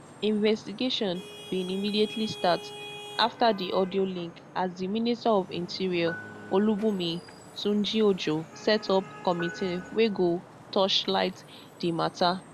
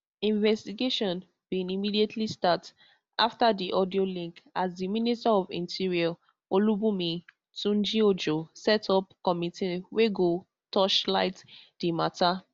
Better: second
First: background sound (Traffic noise, roadway noise / Vehicle horn, car horn, honking + Piano); 16 dB below the speech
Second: none

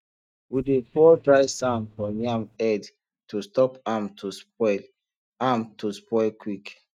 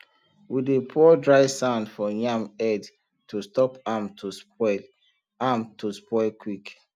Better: second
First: noise reduction (neural mask model DeepFilterNet 3)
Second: none

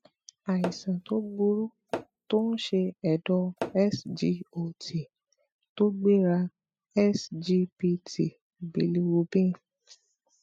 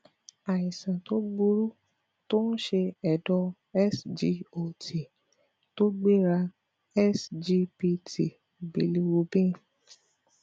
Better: second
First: noise reduction (classical method spectral subtraction)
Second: none

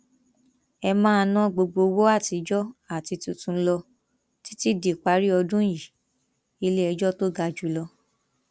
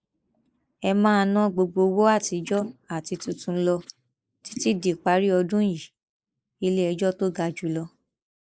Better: first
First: none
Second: noise reduction (neural mask model Resemble Enhance denoiser)

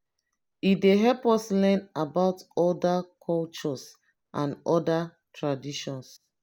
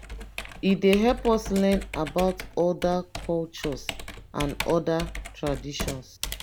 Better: first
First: none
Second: background sound (Computer keyboard); 10 dB below the speech

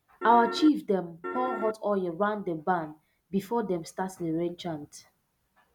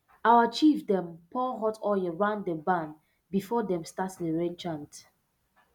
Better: second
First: background sound (Piano); 5 dB below the speech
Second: none

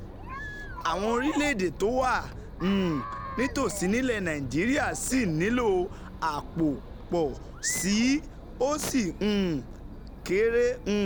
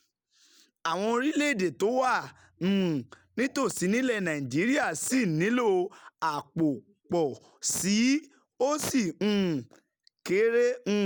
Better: second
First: background sound (Chatter); 11 dB below the speech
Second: none

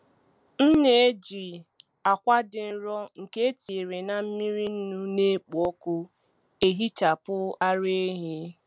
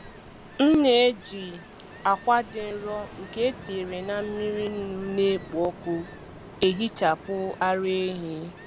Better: first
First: none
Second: background sound (Ocean); 16 dB below the speech

